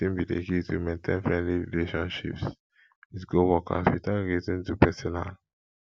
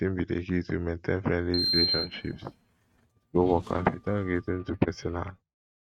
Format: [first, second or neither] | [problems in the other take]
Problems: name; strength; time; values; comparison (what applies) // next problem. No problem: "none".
first | noise reduction (neural mask model RNNoise)